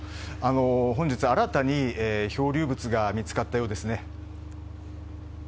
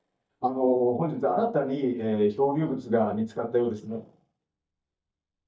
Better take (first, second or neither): first